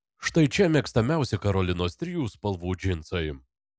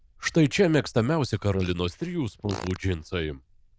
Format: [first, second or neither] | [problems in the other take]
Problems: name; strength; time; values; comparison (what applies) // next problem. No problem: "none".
first | noise reduction (neural diffusion model UNIVERSE++)